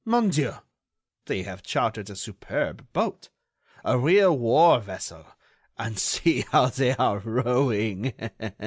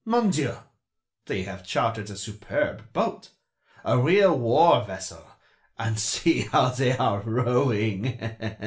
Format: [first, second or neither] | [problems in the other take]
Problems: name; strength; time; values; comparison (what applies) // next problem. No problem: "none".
first | room echo; dies away in 0.3 s